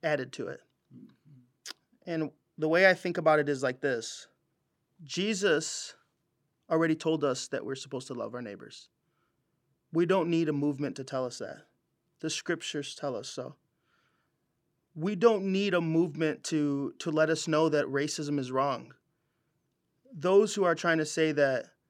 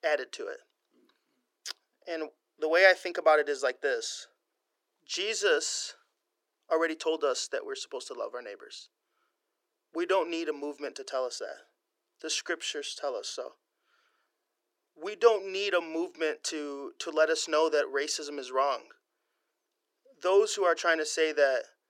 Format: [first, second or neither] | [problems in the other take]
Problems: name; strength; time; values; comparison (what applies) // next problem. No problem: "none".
first | thin; very; fading below 400 Hz